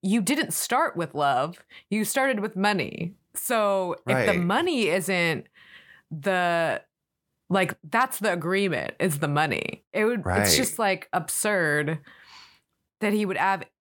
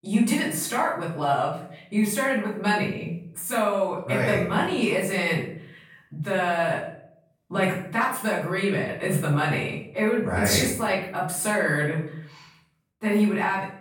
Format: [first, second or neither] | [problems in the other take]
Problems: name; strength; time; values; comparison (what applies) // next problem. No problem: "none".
first | off-mic speech; far // room echo; noticeable; dies away in 0.5 s